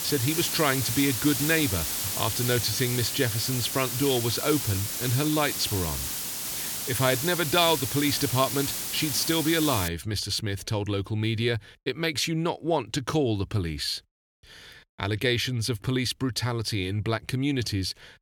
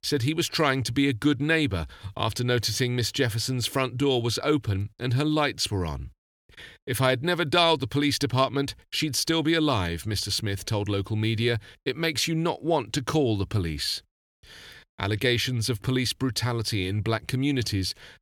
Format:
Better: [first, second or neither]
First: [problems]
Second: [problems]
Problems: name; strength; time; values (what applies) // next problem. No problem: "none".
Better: second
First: hiss; loud; until 10 s; 2 dB below the speech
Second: none